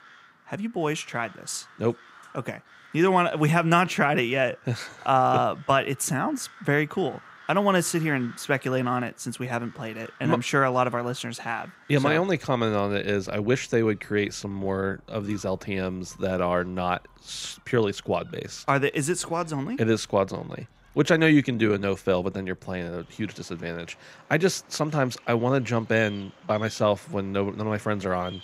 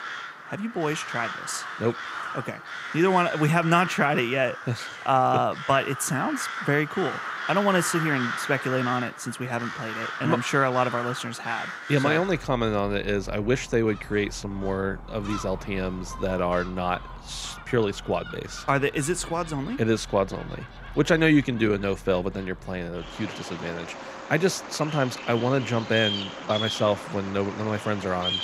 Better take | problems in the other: first | animal sounds; loud; throughout; 9 dB below the speech; faint in the first

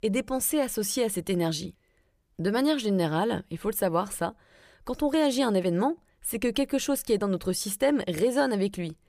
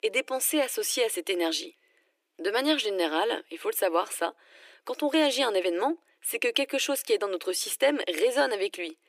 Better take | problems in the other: first | thin; somewhat; fading below 300 Hz

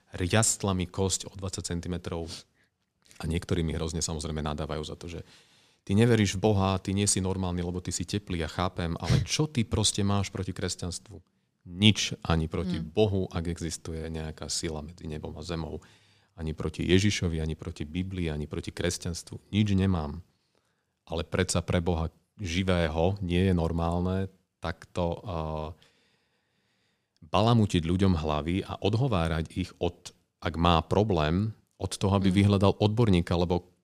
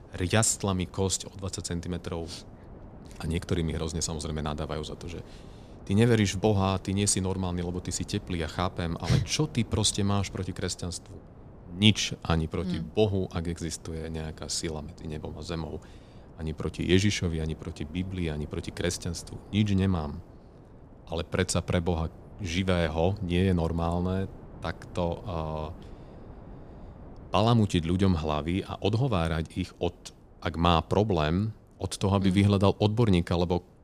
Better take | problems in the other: first | wind noise on the microphone; occasional gusts; 25 dB below the speech

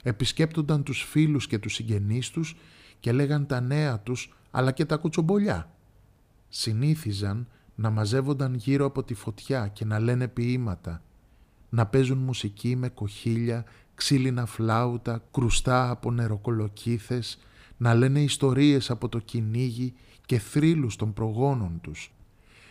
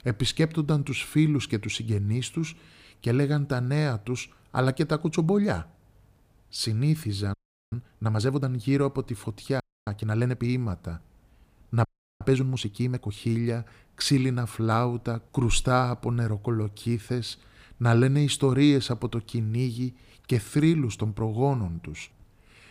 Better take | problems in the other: first | audio freezing; at 7.5 s, at 9.5 s and at 12 s

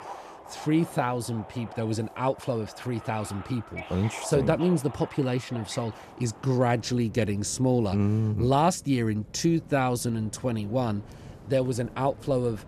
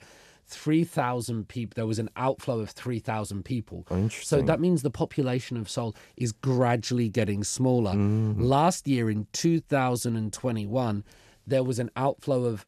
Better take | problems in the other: second | train or aircraft noise; noticeable; throughout; 15 dB below the speech

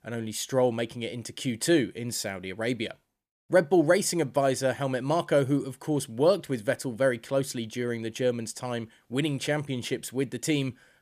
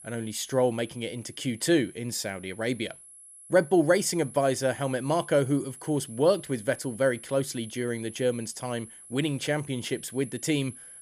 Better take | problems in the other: first | high-pitched whine; noticeable; throughout; 11 kHz, 15 dB below the speech

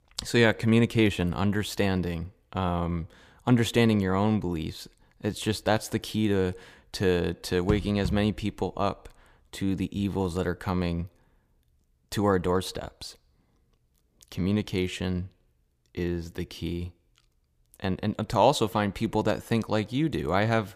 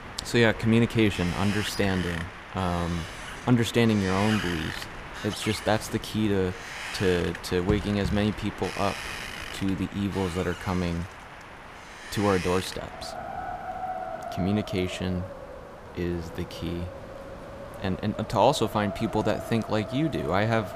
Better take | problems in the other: first | wind in the background; loud; throughout; 10 dB below the speech

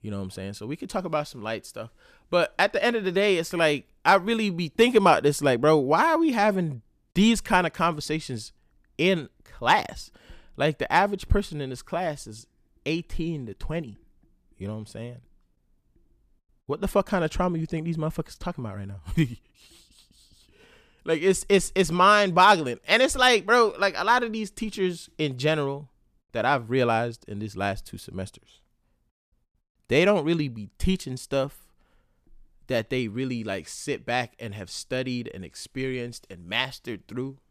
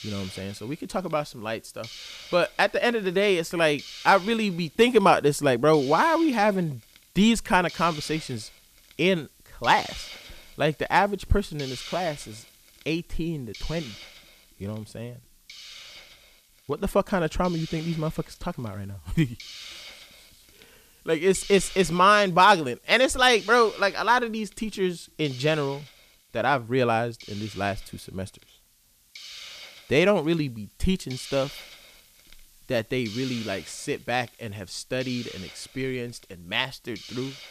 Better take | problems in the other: first | hiss; noticeable; throughout; 15 dB below the speech

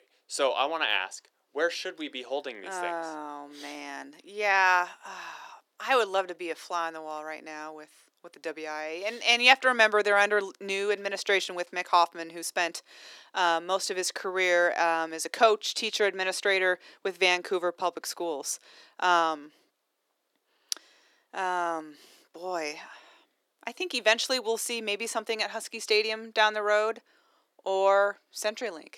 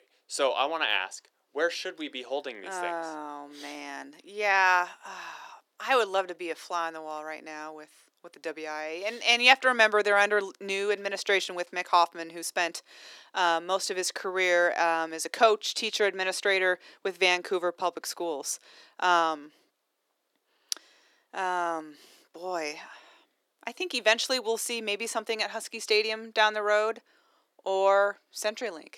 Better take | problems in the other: neither | thin; very; fading below 350 Hz; the same in both

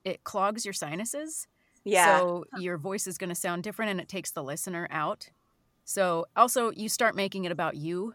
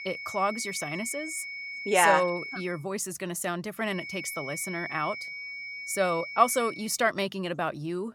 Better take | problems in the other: first | high-pitched whine; loud; until 2.5 s and from 4 to 7 s; 2 kHz, 8 dB below the speech

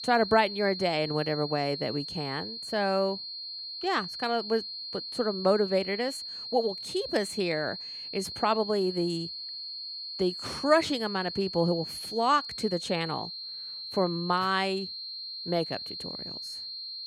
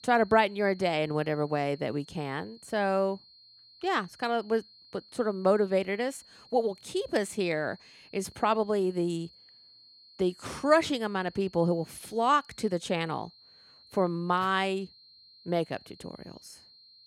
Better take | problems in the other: second | high-pitched whine; loud; throughout; 4 kHz, 7 dB below the speech; faint in the second

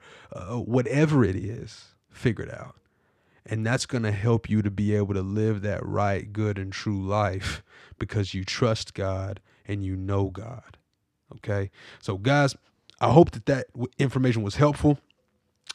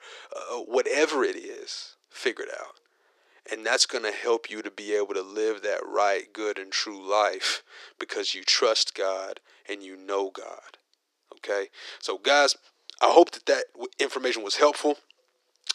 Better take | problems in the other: first | thin; very; fading below 350 Hz

